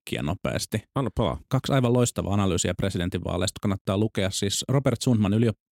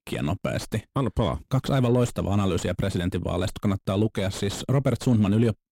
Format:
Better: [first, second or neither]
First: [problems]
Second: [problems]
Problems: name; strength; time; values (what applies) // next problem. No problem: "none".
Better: first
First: none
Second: distortion; slight; 10 dB below the speech